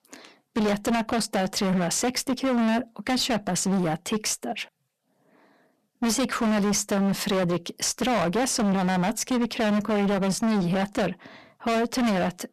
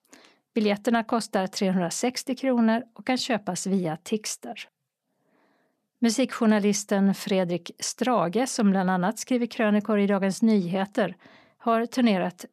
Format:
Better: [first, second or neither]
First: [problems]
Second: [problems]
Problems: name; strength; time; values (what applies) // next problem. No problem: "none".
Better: second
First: distortion; heavy; 28% of the sound clipped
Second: none